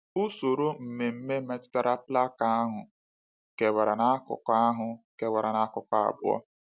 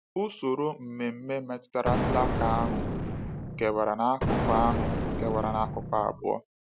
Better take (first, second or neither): first